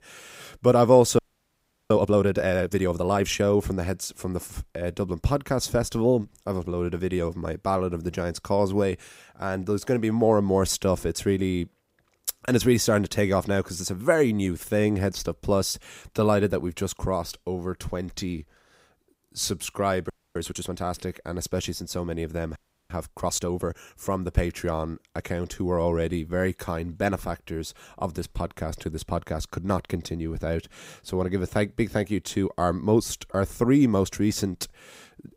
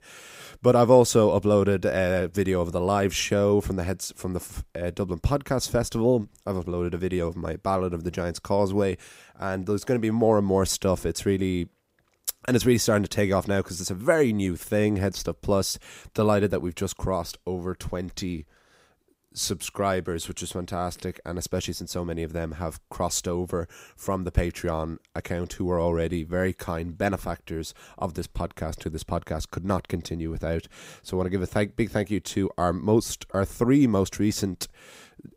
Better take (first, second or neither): second